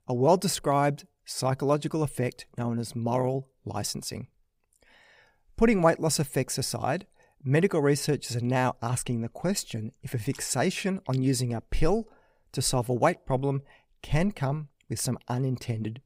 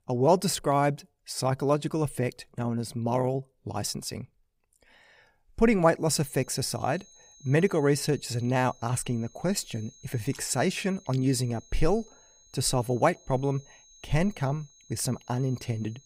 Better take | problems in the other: first | high-pitched whine; faint; from 6 s on; 6.5 kHz, 25 dB below the speech

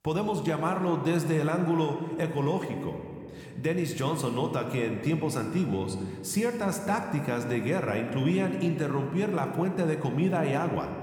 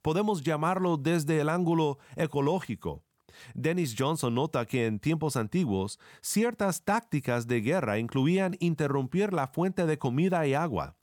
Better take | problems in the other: second | room echo; slight; dies away in 1.9 s

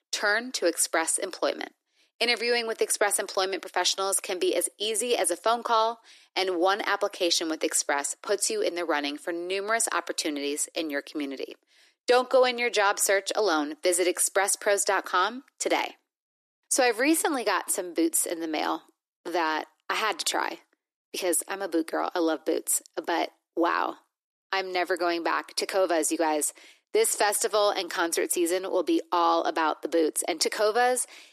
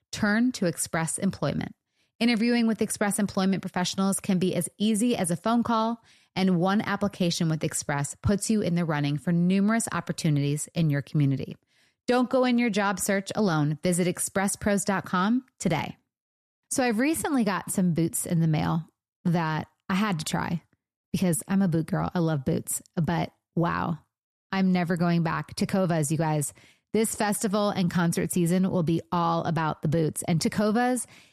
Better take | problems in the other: second | thin; very; fading below 300 Hz

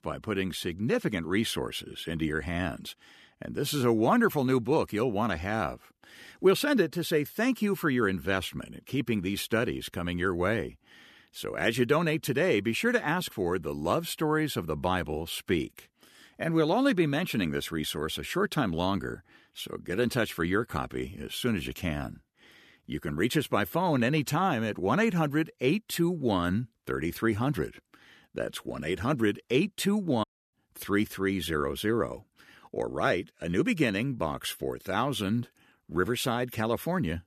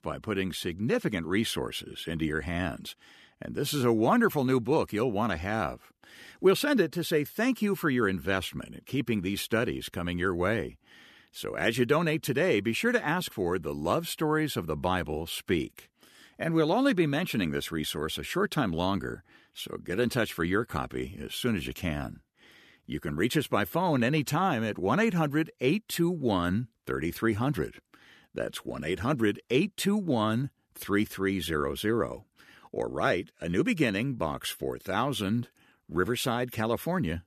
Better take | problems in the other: second | audio cutting out; at 30 s

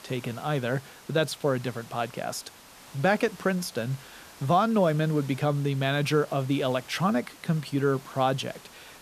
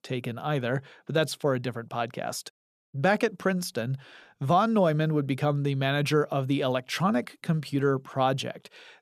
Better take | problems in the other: second | hiss; faint; throughout; 20 dB below the speech

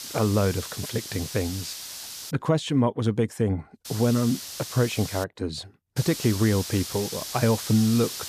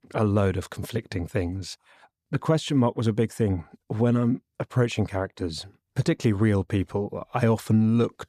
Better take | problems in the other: second | hiss; loud; until 2.5 s, from 4 to 5 s and from 6 s on; 9 dB below the speech

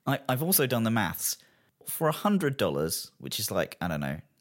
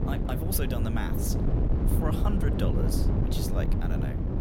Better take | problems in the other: first | wind noise on the microphone; heavy; as loud as the speech

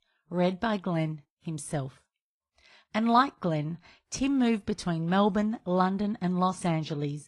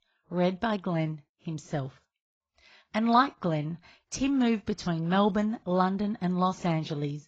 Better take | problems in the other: first | garbled, watery; badly; nothing above 7.5 kHz; slightly in the first

